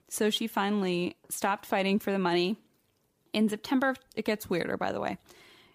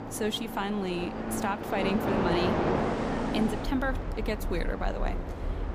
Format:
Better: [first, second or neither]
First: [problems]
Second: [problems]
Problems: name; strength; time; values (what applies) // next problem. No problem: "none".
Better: first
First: none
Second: train or aircraft noise; very loud; throughout; as loud as the speech